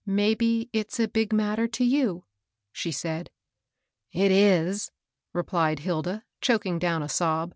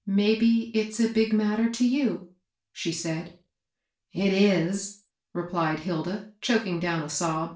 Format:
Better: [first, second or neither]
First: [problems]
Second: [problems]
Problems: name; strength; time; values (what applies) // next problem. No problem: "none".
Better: first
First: none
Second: room echo; dies away in 0.3 s